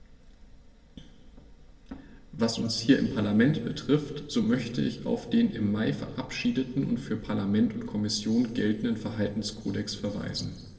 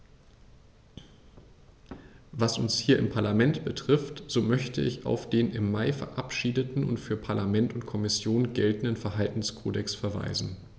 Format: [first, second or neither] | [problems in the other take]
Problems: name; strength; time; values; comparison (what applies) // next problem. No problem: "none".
second | room echo; dies away in 2.7 s